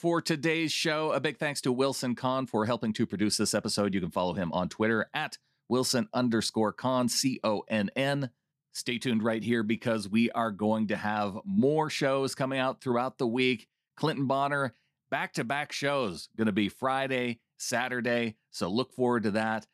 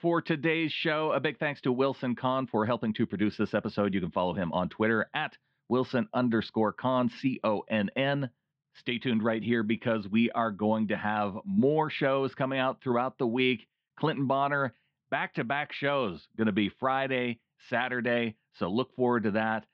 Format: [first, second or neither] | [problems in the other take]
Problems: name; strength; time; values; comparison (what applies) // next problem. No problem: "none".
first | muffled; very; fading above 3.5 kHz